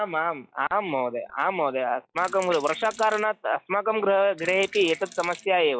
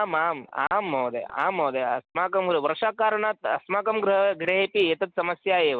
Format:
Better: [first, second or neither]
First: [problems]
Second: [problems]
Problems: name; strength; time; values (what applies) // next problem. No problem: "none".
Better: second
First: noise reduction (classical method log-MMSE)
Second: none